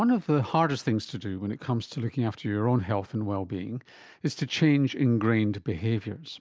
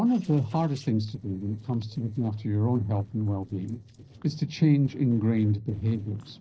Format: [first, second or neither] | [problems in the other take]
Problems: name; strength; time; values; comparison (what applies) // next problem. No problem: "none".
first | noise reduction (neural separator model SepFormer DNS4)